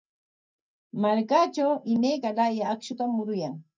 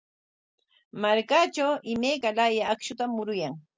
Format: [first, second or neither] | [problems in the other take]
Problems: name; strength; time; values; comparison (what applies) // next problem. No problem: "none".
second | noise reduction (neural mask model DeepFilterNet 3)